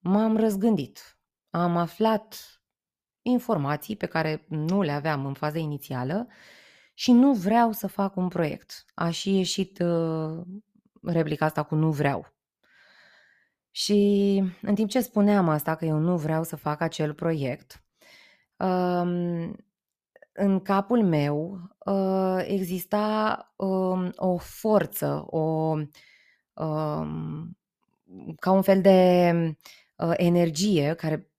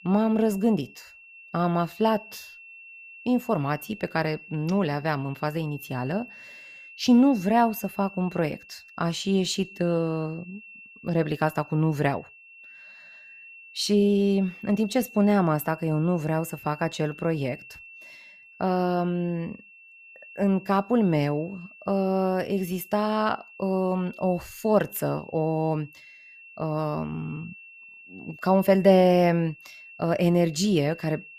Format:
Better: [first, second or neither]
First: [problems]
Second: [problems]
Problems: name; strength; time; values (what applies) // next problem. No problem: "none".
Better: first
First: none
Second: high-pitched whine; faint; throughout; 2.5 kHz, 20 dB below the speech